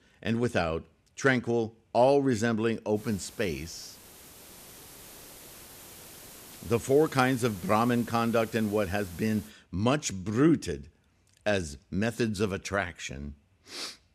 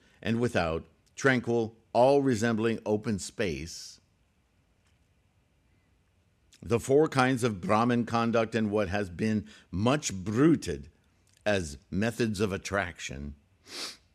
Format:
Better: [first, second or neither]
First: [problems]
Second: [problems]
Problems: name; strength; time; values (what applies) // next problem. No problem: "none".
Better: second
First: hiss; noticeable; from 3 to 9.5 s; 20 dB below the speech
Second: none